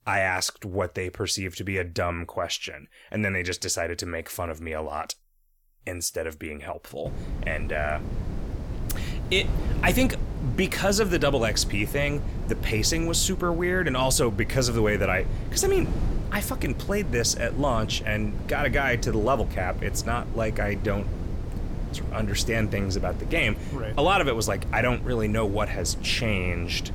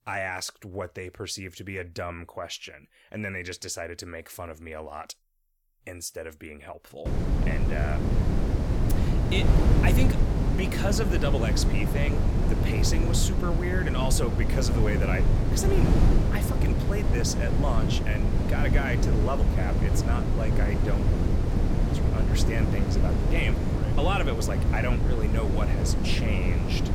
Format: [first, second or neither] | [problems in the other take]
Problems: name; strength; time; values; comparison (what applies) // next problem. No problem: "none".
first | wind noise on the microphone; heavy; from 7 s on; 1 dB below the speech; occasional gusts in the first